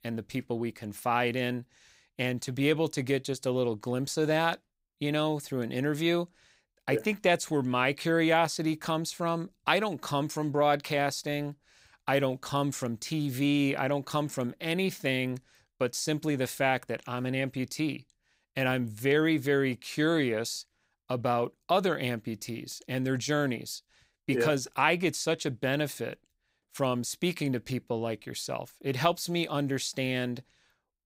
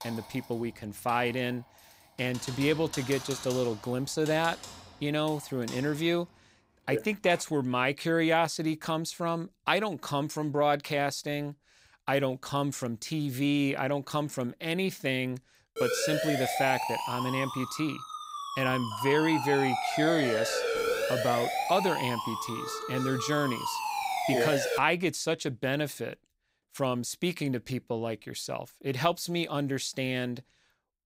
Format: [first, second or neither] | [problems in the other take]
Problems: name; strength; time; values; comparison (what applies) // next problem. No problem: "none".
first | keyboard typing; noticeable; until 7.5 s; peak 8 dB below the speech // siren; loud; from 16 to 25 s; peak 2 dB above the speech